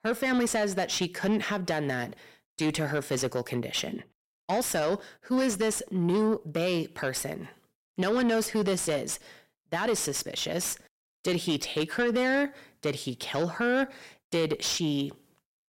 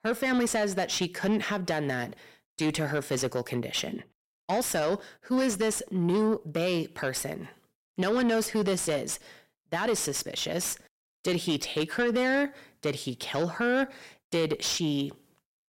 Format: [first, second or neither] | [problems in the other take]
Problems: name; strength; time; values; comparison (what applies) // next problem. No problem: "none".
neither | distortion; slight; 10 dB below the speech; the same in both